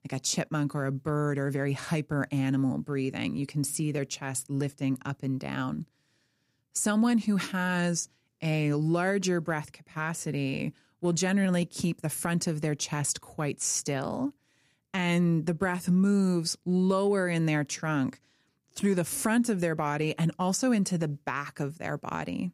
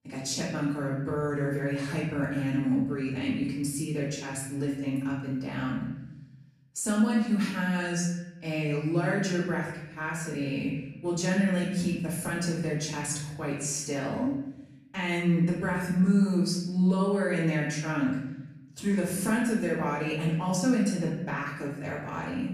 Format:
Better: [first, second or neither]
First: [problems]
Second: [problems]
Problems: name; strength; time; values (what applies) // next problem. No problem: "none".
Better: first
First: none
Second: off-mic speech; far // room echo; noticeable; dies away in 1 s